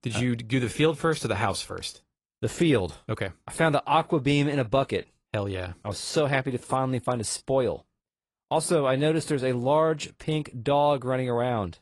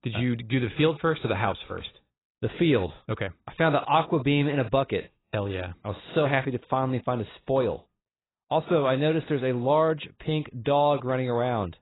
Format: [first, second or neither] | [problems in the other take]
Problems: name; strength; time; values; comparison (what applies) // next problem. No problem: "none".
first | garbled, watery; badly; nothing above 4 kHz; slightly in the first